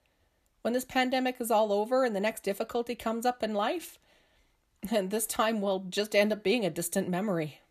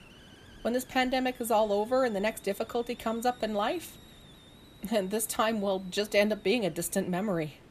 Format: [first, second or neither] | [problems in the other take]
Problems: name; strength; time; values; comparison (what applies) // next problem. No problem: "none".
first | hiss; faint; throughout; 25 dB below the speech